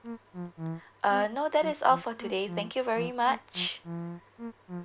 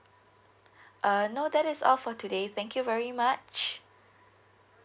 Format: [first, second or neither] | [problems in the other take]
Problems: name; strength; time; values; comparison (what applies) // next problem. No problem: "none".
second | background sound (Musical instrument); 10 dB below the speech